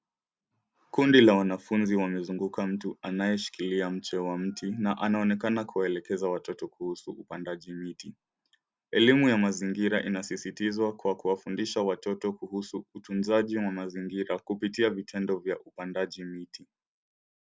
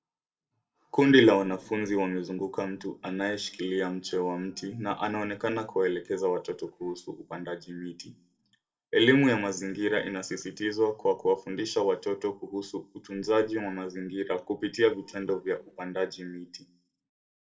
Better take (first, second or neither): first